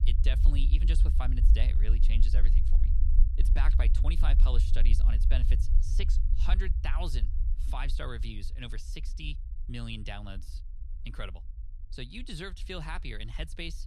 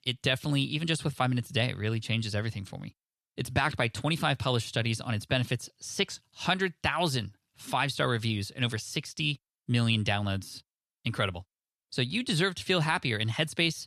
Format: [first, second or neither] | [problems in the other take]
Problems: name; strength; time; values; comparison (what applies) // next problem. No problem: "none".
second | low rumble; loud; throughout; 8 dB below the speech